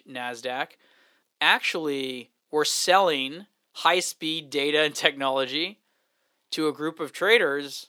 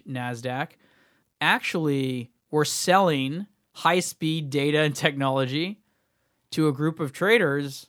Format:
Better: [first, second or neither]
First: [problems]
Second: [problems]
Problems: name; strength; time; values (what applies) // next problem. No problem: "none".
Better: second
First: thin; somewhat; fading below 400 Hz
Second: none